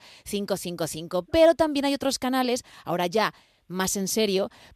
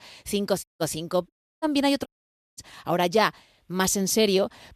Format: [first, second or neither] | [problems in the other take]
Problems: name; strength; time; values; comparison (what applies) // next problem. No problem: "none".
first | audio cutting out; at 0.5 s, at 1.5 s and at 2 s for 0.5 s